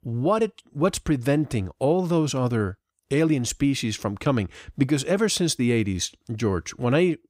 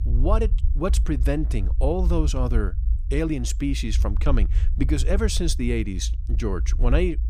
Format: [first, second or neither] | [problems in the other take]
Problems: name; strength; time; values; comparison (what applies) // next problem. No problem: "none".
first | low rumble; noticeable; throughout; 15 dB below the speech